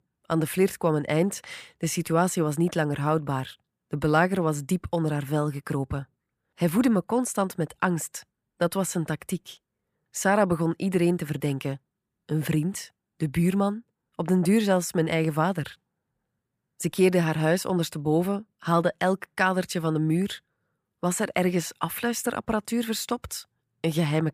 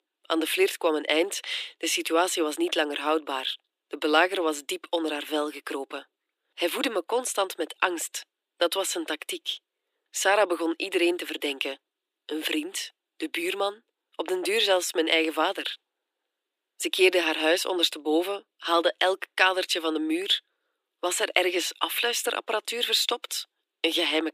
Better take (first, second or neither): first